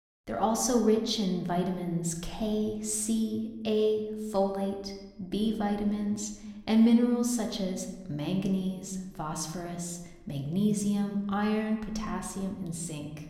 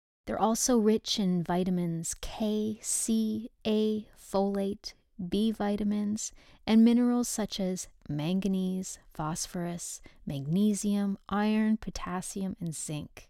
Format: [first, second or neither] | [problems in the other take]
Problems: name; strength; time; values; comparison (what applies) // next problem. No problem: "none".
second | room echo; slight; dies away in 1 s